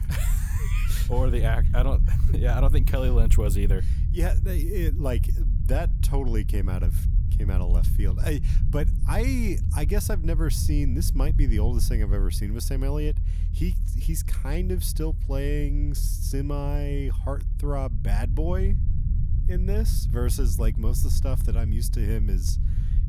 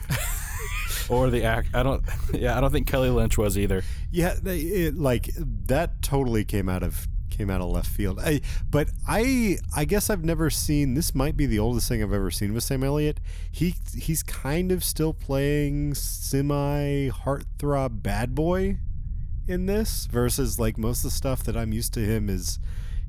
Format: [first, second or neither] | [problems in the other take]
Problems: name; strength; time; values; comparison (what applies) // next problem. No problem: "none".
second | low rumble; loud; throughout; 9 dB below the speech; faint in the second